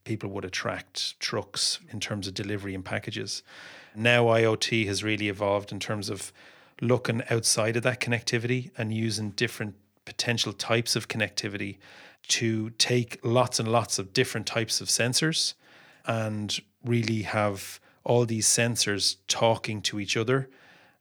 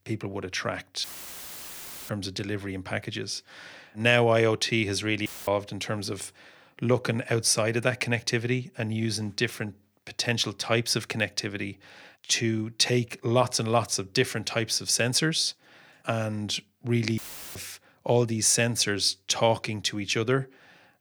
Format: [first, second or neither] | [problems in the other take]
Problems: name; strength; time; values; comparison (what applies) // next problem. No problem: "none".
first | audio cutting out; filled with static; at 1 s for 1 s, at 5.5 s and at 17 s